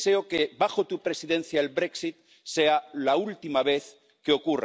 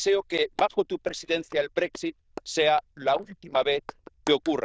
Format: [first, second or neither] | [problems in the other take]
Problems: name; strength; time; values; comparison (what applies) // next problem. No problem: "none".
first | noise reduction (neural diffusion model UNIVERSE++)